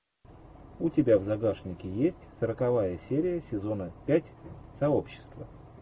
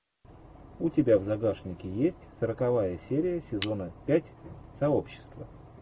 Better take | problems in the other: first | background sound (Cutlery, silverware); 15 dB below the speech

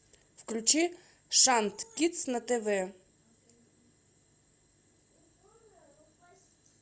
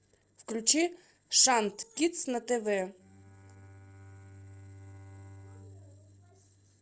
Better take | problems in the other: first | noise reduction (neural separator model SepFormer DNS4)

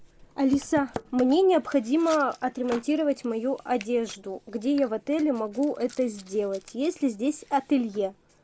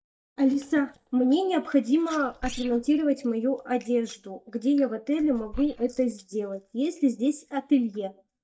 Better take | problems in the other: first | noise reduction (neural mask model DeepFilterNet 3)

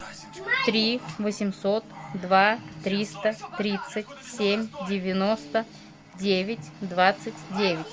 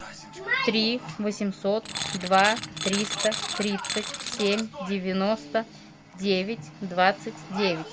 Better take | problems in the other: first | background sound (Tools); 5 dB below the speech

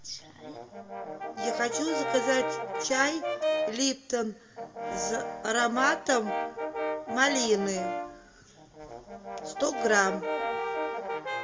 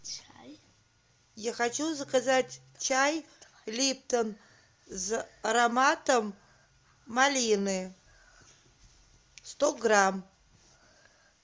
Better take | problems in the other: second | background sound (Brass instrument); 3 dB below the speech // room echo; dies away in 0.2 s

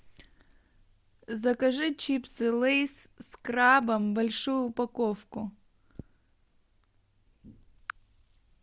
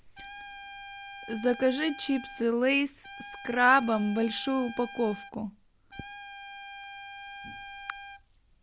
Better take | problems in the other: first | background sound (Trumpet); 14 dB below the speech

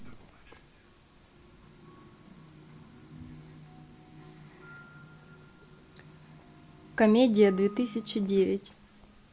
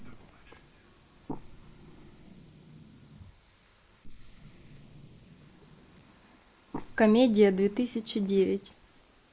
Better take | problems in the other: first | noise reduction (neural mask model Resemble Enhance denoiser)

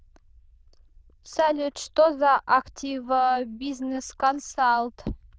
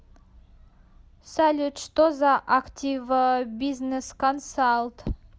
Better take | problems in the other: second | noise reduction (neural diffusion model UNIVERSE++)

